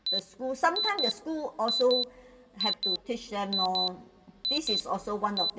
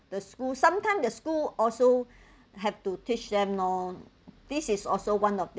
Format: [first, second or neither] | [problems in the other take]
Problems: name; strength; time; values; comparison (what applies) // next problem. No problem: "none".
second | background sound (Alarm); 2 dB below the speech // room echo; dies away in 2.2 s